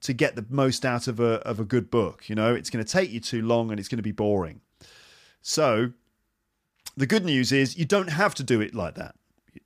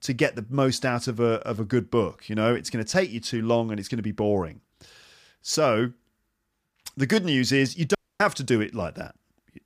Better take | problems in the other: first | audio cutting out; at 8 s

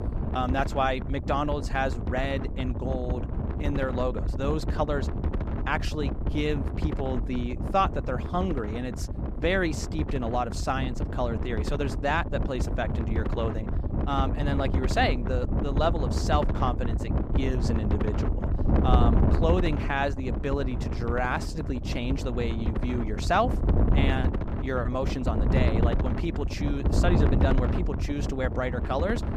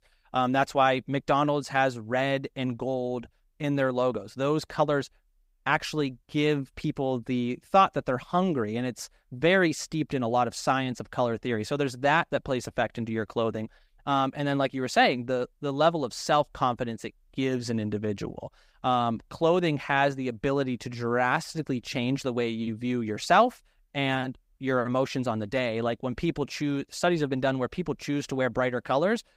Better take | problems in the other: second | wind noise on the microphone; heavy; 7 dB below the speech

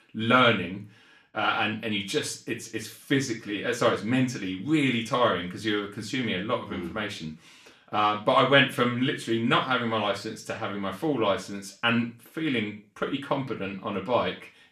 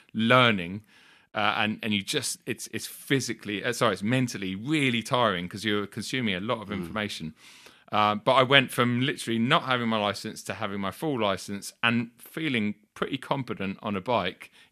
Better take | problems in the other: second | room echo; slight; dies away in 0.3 s // off-mic speech; somewhat distant

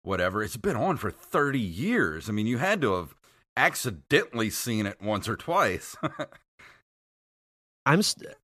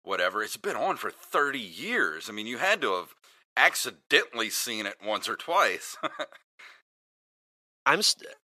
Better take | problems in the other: first | thin; somewhat; fading below 450 Hz

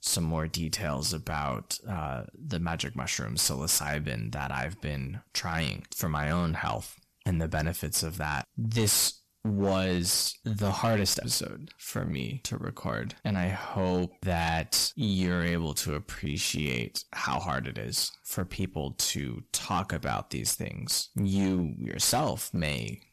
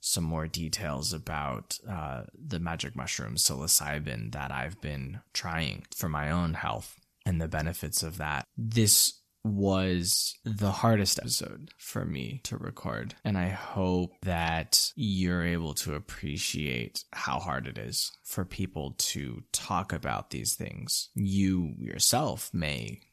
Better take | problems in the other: second | distortion; slight; 7% of the sound clipped

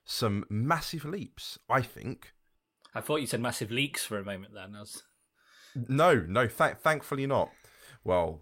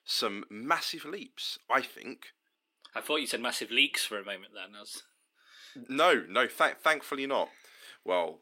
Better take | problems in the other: first | thin; somewhat; fading below 250 Hz

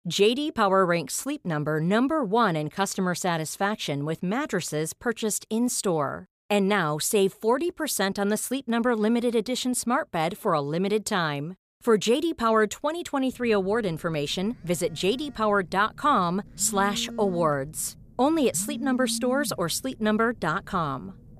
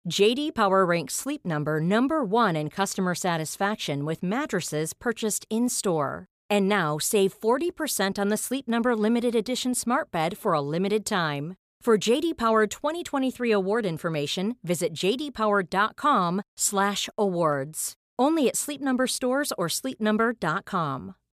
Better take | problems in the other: second | phone ringing; noticeable; from 13 s on; peak 9 dB below the speech

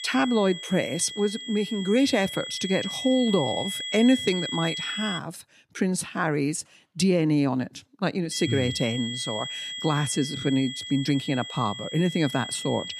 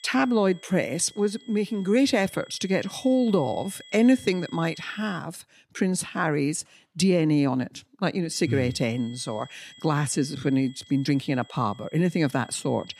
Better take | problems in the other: second | high-pitched whine; loud; until 5 s and from 8.5 s on; 3.5 kHz, 7 dB below the speech; faint in the second

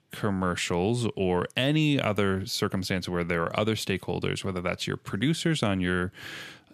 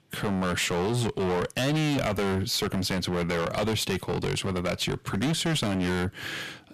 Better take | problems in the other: first | distortion; heavy; 21% of the sound clipped

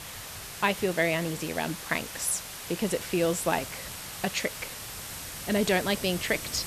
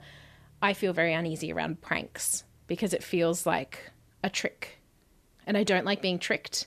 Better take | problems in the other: second | hiss; loud; throughout; 8 dB below the speech

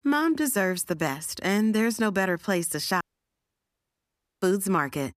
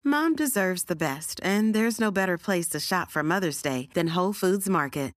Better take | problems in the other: second | audio cutting out; at 3 s for 1.5 s

